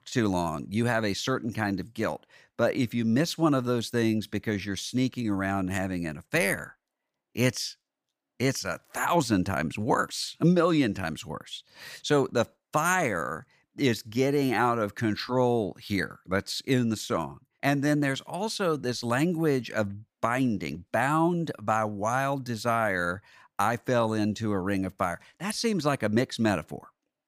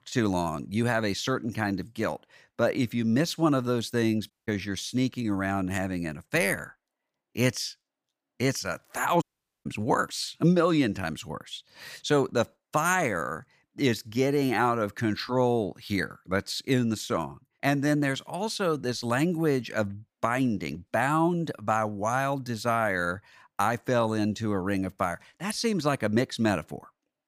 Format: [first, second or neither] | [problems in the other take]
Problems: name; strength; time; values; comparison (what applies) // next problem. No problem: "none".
first | audio cutting out; at 4.5 s and at 9 s